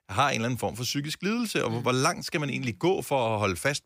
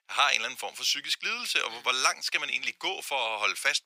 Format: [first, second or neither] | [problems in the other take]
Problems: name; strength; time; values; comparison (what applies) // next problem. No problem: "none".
first | thin; very; fading below 800 Hz